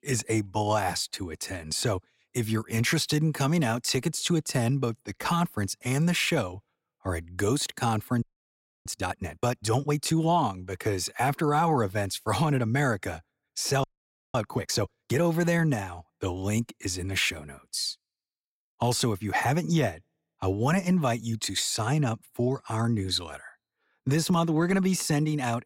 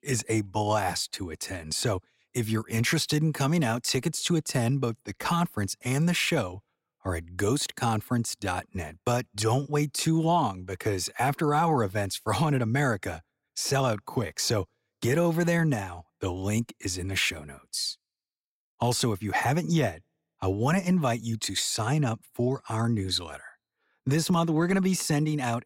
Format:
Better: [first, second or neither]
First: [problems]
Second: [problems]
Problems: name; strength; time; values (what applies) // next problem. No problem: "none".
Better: second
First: audio freezing; at 8 s for 0.5 s and at 14 s for 0.5 s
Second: none